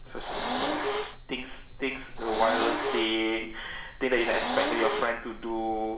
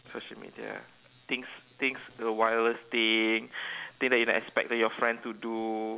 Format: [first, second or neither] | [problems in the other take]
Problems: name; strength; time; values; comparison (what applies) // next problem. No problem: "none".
second | background sound (Hiss); 3 dB below the speech // room echo; dies away in 0.9 s